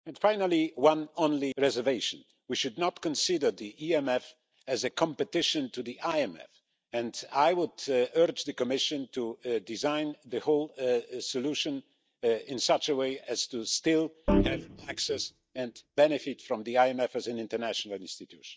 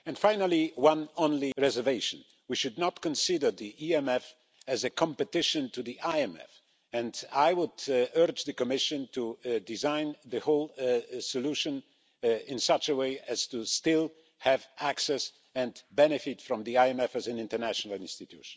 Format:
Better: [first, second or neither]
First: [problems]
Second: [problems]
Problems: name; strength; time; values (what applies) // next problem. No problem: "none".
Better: second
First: noise reduction (neural mask model DeepFilterNet 3)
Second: none